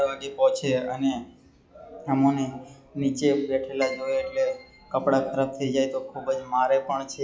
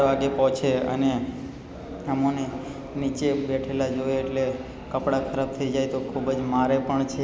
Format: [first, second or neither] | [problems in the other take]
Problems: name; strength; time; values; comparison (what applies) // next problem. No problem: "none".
second | noise reduction (classical method log-MMSE)